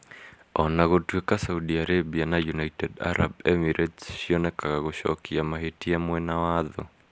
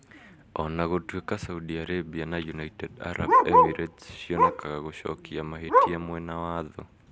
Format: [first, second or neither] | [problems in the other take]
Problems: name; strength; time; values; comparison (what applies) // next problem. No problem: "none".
first | background sound (Bark); 5 dB above the speech